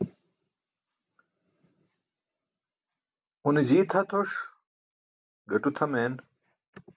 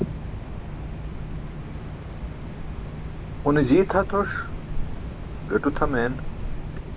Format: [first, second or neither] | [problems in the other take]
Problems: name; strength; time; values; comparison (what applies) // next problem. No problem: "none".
first | background sound (Cricket); 3 dB below the speech